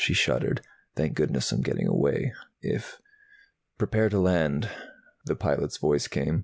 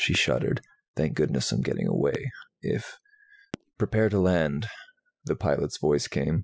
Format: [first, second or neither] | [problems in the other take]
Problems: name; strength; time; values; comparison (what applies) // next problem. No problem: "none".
first | noise reduction (classical method spectral subtraction)